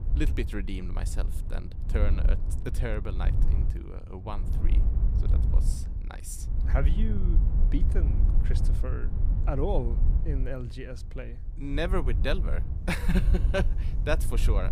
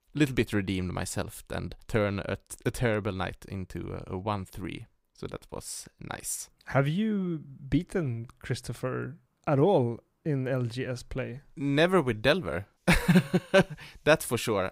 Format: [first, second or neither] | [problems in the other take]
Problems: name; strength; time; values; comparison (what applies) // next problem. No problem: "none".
second | wind noise on the microphone; heavy; 10 dB below the speech